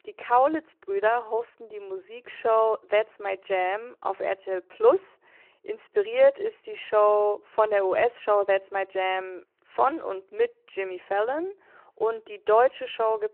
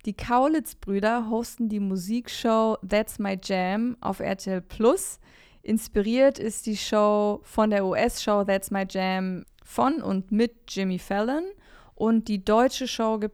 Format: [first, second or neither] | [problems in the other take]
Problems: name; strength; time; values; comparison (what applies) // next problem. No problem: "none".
second | phone-call audio